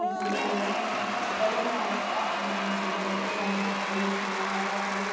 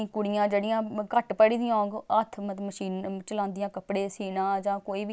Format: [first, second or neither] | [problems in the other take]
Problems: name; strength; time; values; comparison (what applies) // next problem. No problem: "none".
second | background sound (Applause / Crowd / Cheering); 2 dB above the speech // room echo; dies away in 1.3 s